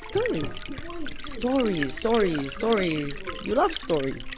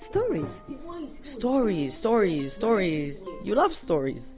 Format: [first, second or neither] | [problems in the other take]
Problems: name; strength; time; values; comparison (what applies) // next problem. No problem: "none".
second | background sound (Liquid); 8 dB below the speech